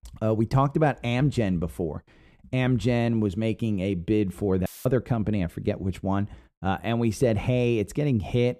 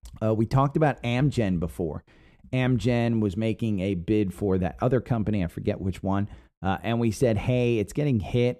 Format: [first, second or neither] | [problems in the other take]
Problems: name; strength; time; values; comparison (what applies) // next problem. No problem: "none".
second | audio cutting out; filled with static; at 4.5 s